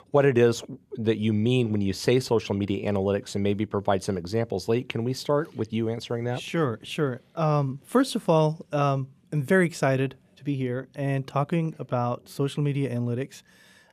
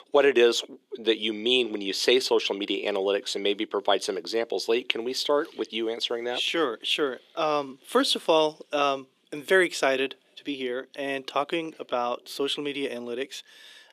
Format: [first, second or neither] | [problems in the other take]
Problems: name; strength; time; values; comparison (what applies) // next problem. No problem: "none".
first | thin; somewhat; fading below 350 Hz